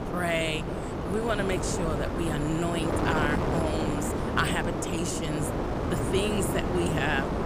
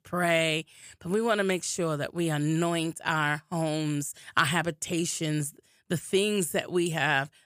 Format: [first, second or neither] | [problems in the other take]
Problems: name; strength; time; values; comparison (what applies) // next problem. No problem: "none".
second | wind noise on the microphone; heavy; 1 dB below the speech